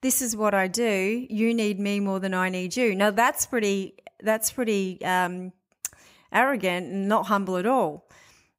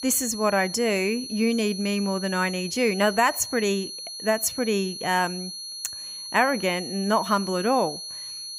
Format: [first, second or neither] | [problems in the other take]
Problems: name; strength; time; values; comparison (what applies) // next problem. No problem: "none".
first | high-pitched whine; loud; throughout; 4.5 kHz, 9 dB below the speech